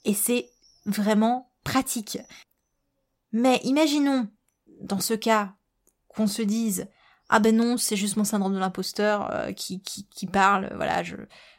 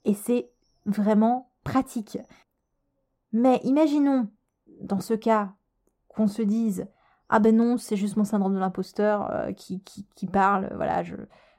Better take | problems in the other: first | muffled; slightly; fading above 1.5 kHz

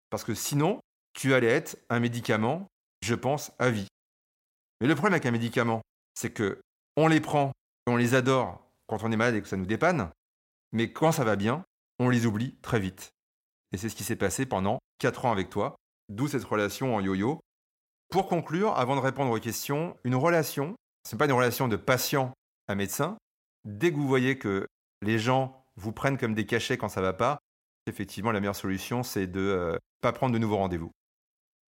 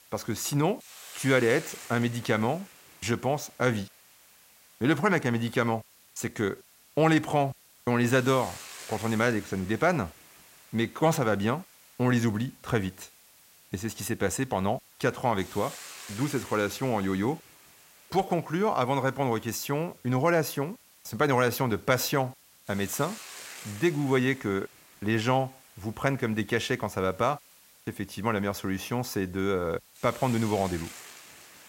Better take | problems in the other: first | hiss; noticeable; throughout; 20 dB below the speech

